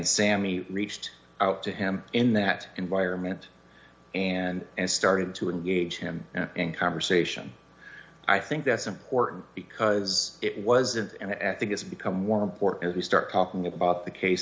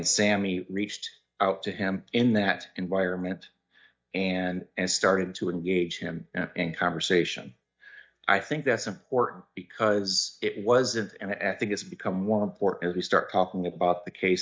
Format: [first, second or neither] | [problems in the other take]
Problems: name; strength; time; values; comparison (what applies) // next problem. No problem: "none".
first | noise reduction (neural mask model DeepFilterNet 3)